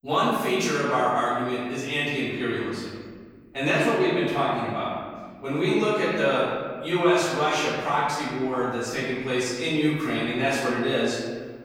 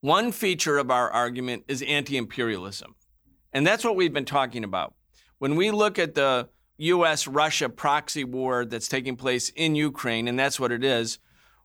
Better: second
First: off-mic speech; far // room echo; strong; dies away in 1.6 s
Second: none

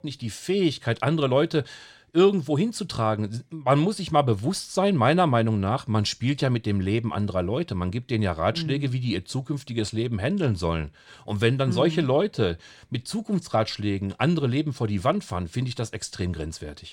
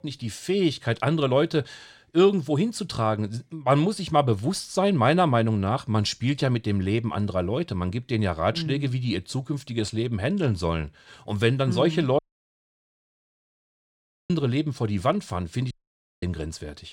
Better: first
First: none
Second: audio cutting out; at 12 s for 2 s and at 16 s for 0.5 s

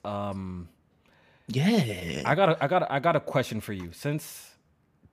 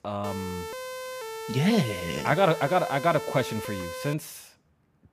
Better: first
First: none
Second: siren; noticeable; until 4 s; peak 9 dB below the speech

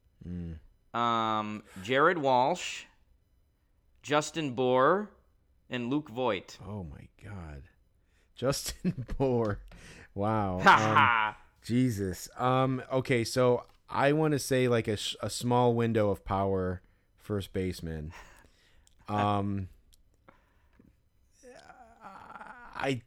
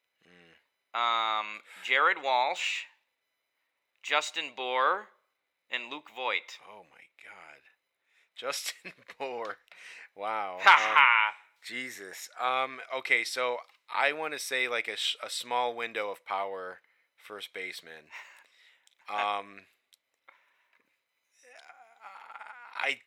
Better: first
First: none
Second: thin; very; fading below 800 Hz

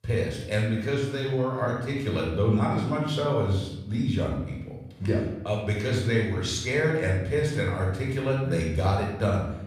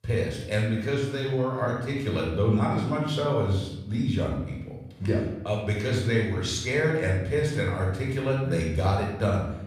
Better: neither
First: off-mic speech; far // room echo; noticeable; dies away in 0.9 s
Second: off-mic speech; far // room echo; noticeable; dies away in 0.9 s

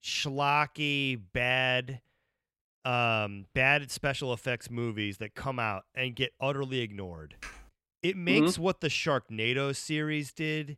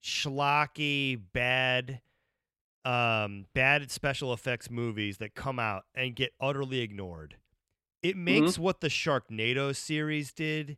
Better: second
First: keyboard typing; faint; at 7.5 s; peak 15 dB below the speech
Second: none

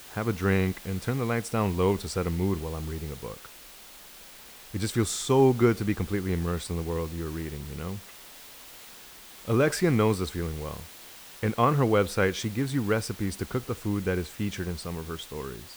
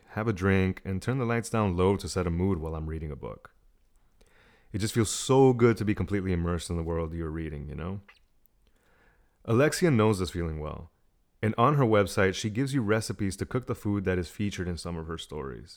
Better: second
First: hiss; noticeable; throughout; 15 dB below the speech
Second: none

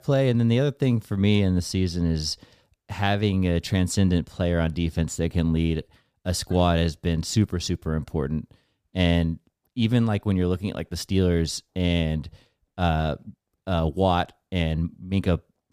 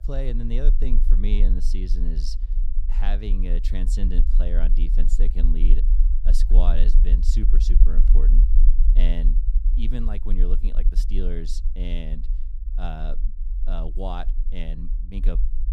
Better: first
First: none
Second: low rumble; loud; throughout; 10 dB below the speech

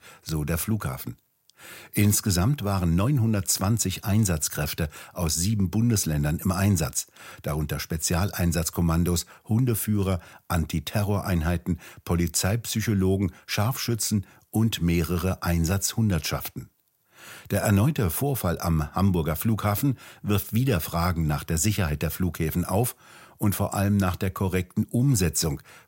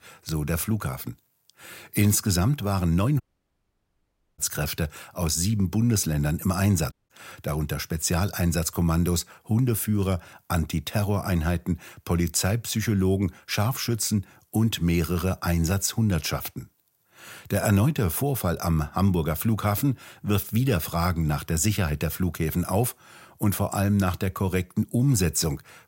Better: first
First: none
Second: audio cutting out; at 3 s for 1 s and at 7 s

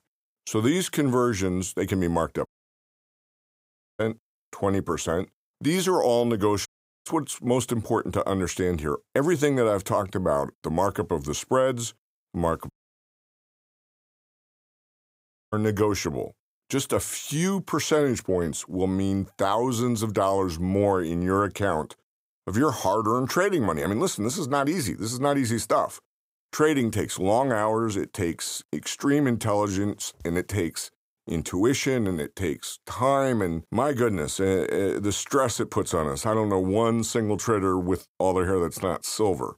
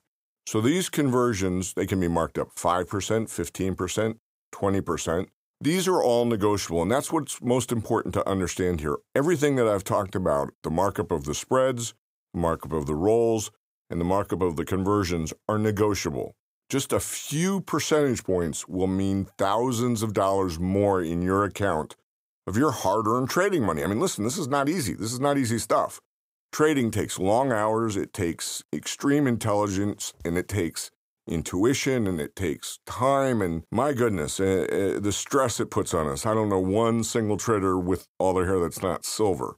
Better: second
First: audio cutting out; at 2.5 s for 1.5 s, at 6.5 s and at 13 s for 3 s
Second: none

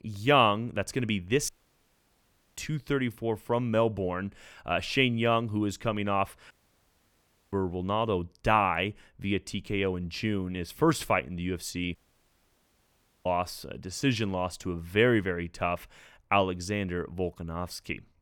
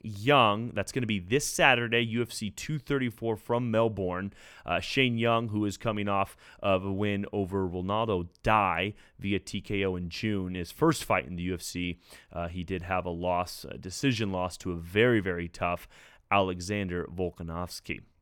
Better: second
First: audio cutting out; at 1.5 s for 1 s, at 6.5 s for 1 s and at 12 s for 1.5 s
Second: none

